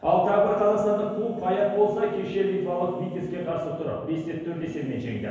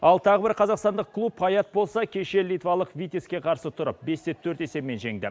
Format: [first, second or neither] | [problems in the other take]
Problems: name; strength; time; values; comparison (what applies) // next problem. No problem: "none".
second | background sound (Telephone); 16 dB below the speech // room echo; dies away in 1.2 s